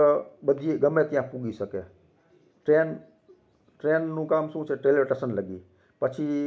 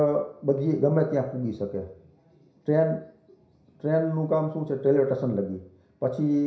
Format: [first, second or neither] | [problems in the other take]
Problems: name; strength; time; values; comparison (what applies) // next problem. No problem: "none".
first | room echo; dies away in 0.5 s